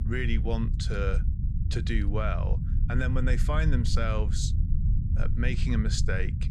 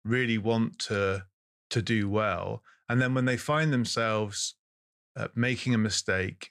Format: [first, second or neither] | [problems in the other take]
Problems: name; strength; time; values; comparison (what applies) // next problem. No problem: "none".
second | low rumble; loud; throughout; 10 dB below the speech